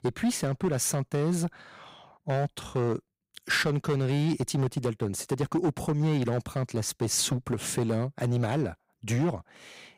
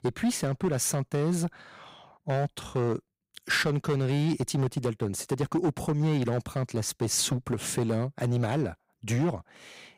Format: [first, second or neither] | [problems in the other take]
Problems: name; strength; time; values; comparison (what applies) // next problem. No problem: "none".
neither | distortion; slight; 9% of the sound clipped; the same in both